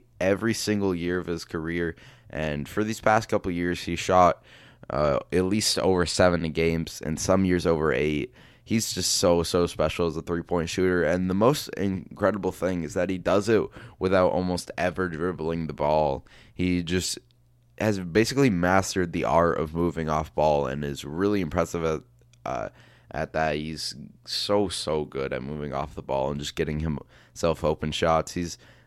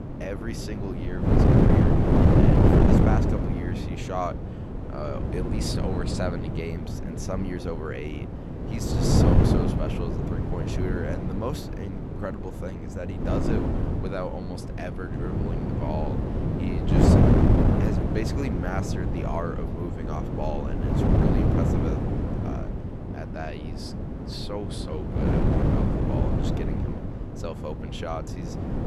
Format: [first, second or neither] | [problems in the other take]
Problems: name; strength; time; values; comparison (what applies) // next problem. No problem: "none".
first | wind noise on the microphone; heavy; 4 dB above the speech